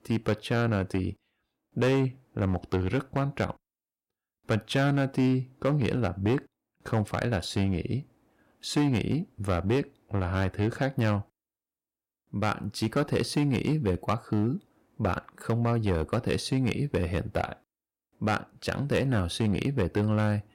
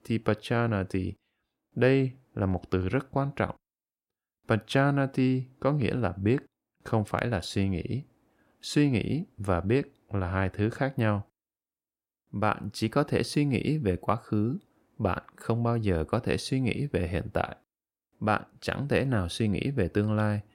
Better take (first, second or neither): second